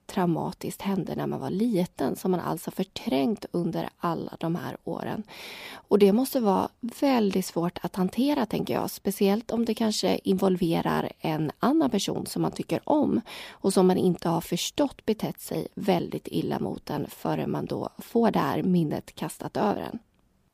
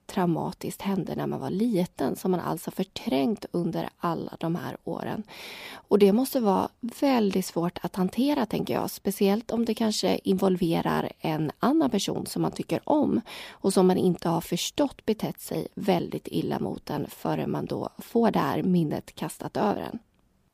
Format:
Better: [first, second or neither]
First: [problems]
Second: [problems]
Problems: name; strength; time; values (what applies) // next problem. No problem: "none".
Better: neither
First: none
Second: none